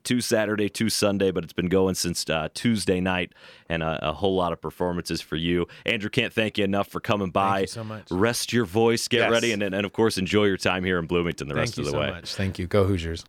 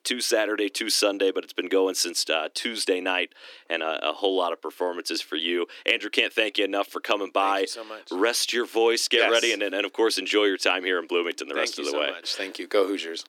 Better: first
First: none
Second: thin; somewhat; fading below 300 Hz

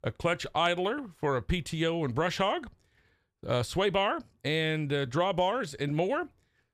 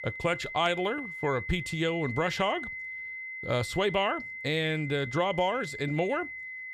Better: first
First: none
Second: high-pitched whine; loud; throughout; 2 kHz, 8 dB below the speech

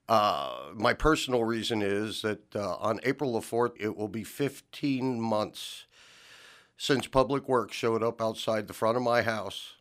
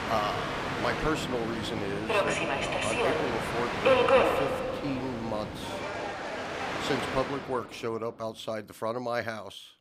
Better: first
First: none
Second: train or aircraft noise; very loud; until 7.5 s; 5 dB above the speech

